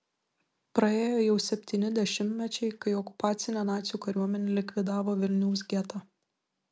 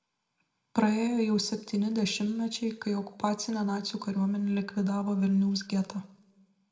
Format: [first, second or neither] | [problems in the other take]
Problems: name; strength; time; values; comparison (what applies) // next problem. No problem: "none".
first | room echo; dies away in 0.7 s